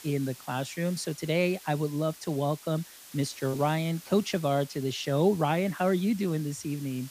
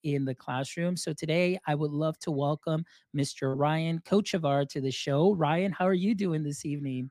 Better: second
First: hiss; noticeable; throughout; 15 dB below the speech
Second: none

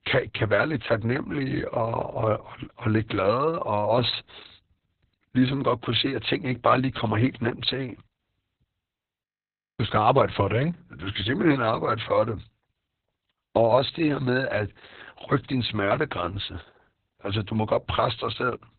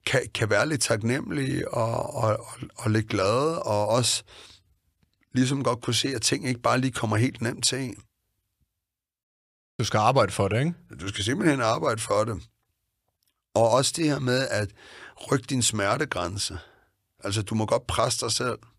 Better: second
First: garbled, watery; badly; nothing above 4 kHz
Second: none

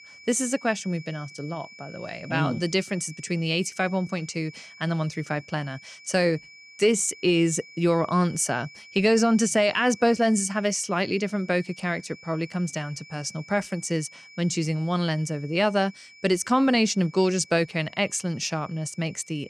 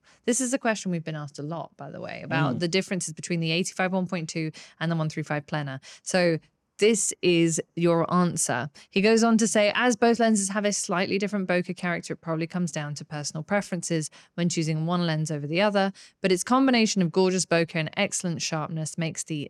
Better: second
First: high-pitched whine; faint; throughout; 2.5 kHz, 20 dB below the speech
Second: none

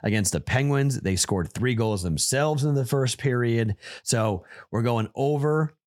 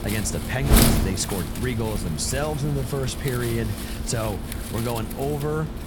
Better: first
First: none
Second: wind noise on the microphone; heavy; 1 dB below the speech

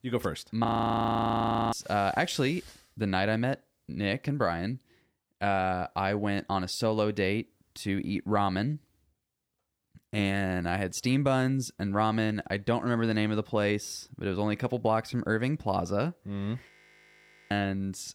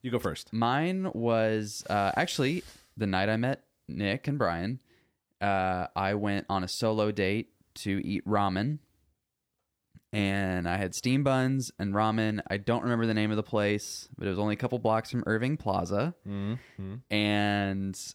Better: second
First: audio freezing; at 0.5 s for 1 s and at 17 s for 1 s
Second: none

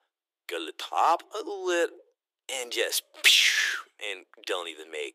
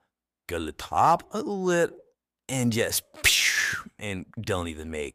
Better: second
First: thin; very; fading below 350 Hz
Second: none

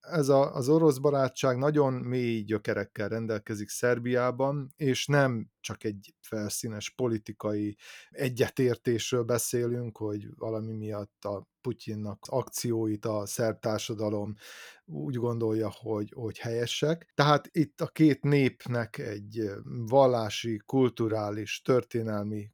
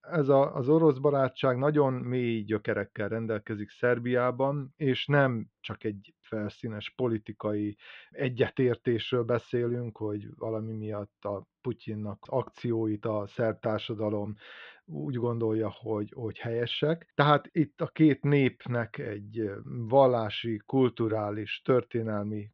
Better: first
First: none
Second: muffled; very; fading above 3.5 kHz

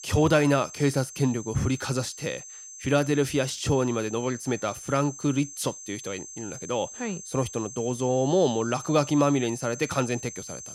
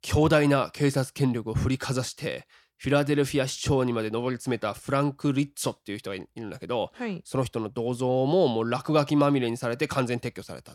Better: second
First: high-pitched whine; noticeable; throughout; 6.5 kHz, 15 dB below the speech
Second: none

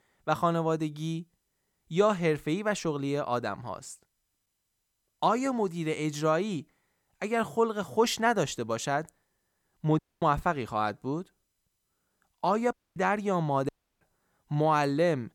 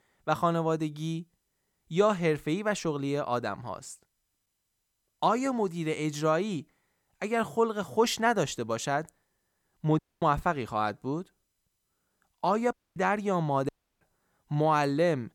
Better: neither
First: audio cutting out; at 10 s, at 13 s and at 14 s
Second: audio cutting out; at 10 s, at 13 s and at 14 s

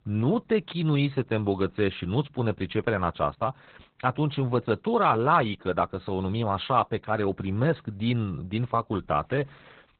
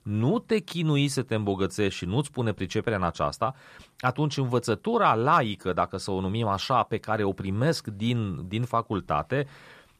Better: second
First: garbled, watery; badly; nothing above 4 kHz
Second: none

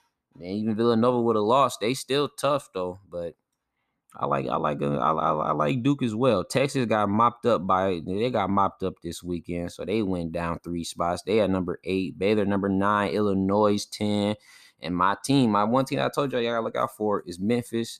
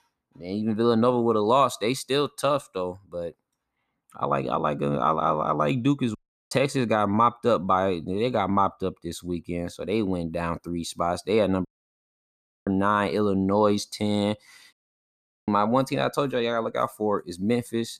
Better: first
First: none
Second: audio cutting out; at 6 s, at 12 s for 1 s and at 15 s for 1 s

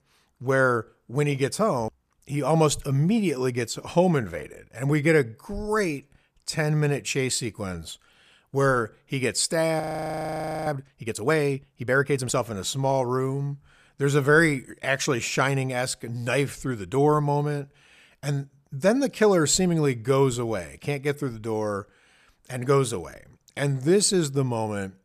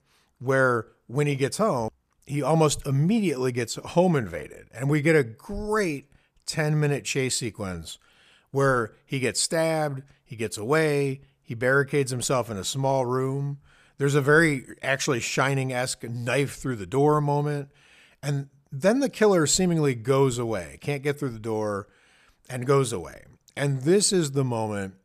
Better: second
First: audio freezing; at 10 s for 1 s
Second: none

